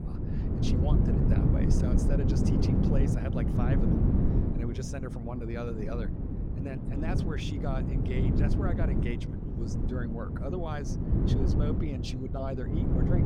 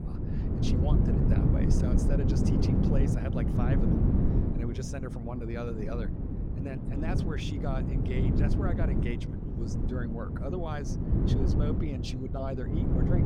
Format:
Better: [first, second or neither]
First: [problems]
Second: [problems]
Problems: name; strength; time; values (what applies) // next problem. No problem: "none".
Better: neither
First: wind noise on the microphone; heavy; 2 dB above the speech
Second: wind noise on the microphone; heavy; 2 dB above the speech